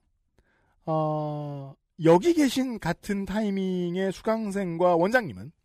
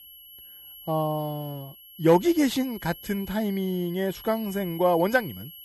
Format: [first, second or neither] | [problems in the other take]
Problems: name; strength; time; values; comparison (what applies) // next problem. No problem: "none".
first | high-pitched whine; noticeable; throughout; 3 kHz, 15 dB below the speech